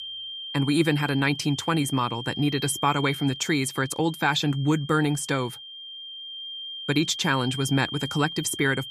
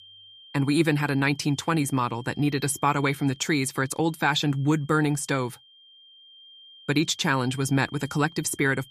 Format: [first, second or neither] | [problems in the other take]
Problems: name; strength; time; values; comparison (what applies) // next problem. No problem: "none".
second | high-pitched whine; loud; throughout; 3 kHz, 10 dB below the speech; faint in the second